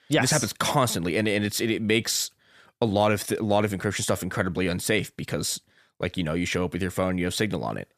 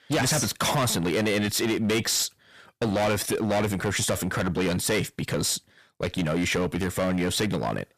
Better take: first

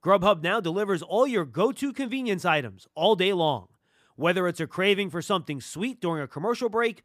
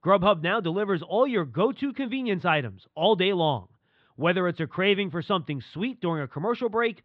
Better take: first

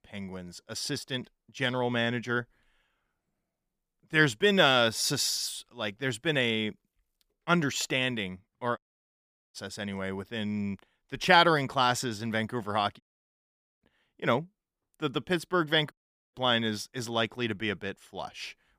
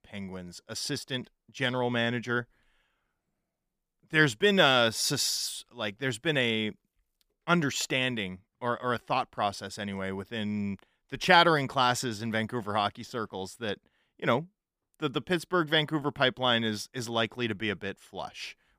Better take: second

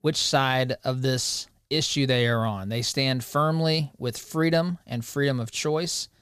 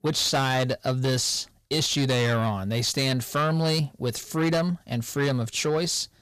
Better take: first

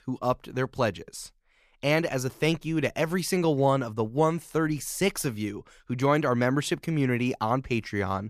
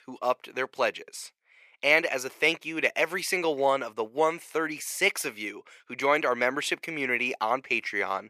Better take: first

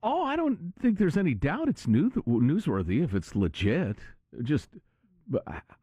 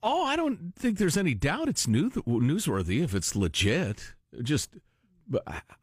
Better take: second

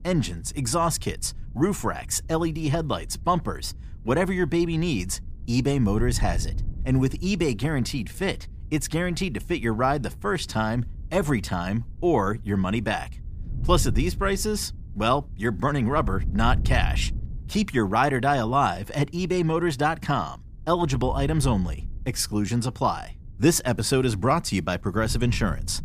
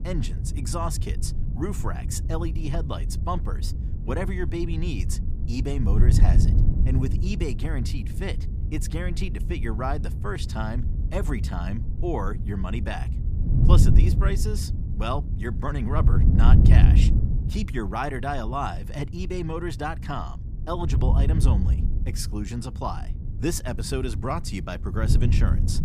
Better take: first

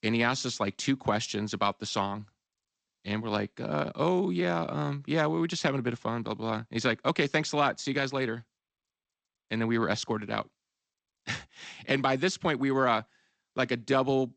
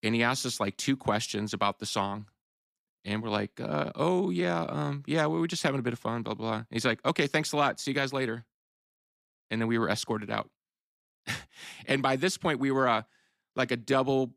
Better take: second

